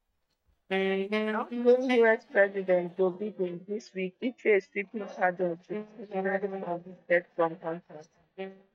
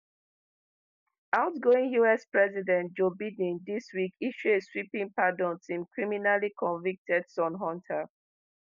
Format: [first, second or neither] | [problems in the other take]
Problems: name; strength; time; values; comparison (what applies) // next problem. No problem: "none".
second | noise reduction (neural mask model DeepFilterNet 3)